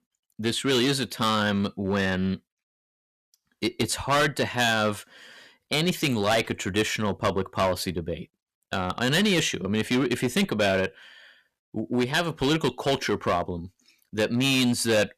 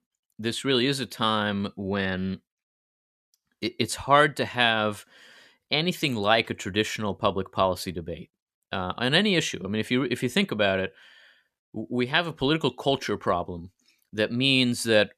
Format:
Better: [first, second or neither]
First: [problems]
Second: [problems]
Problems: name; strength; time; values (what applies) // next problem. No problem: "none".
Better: second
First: distortion; heavy; 8% of the sound clipped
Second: none